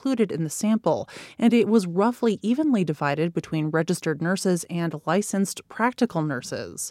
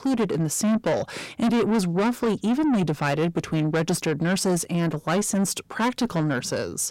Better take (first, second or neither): first